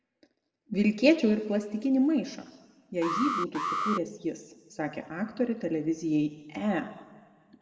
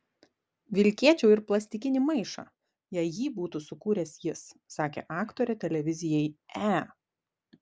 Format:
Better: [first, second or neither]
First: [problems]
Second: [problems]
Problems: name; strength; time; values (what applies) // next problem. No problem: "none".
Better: second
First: background sound (Alarm); 4 dB below the speech // room echo; dies away in 1.3 s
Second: none